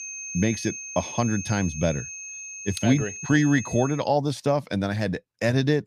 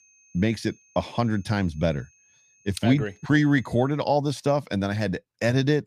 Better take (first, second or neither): second